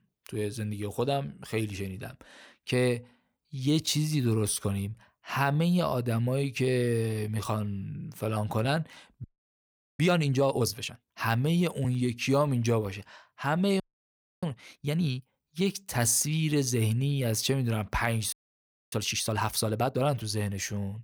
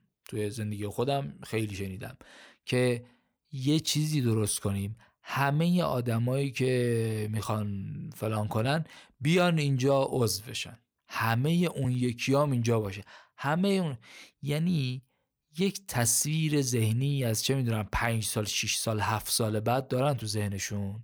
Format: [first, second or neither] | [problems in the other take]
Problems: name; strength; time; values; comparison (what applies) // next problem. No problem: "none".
second | audio freezing; at 9 s for 1 s, at 14 s for 0.5 s and at 18 s for 0.5 s